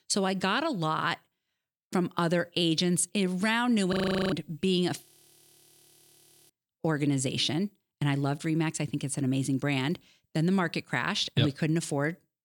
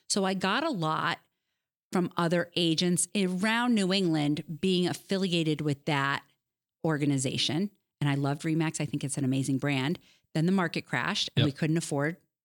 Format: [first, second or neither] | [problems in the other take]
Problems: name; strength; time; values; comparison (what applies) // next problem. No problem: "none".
second | audio freezing; at 4 s and at 5 s for 1.5 s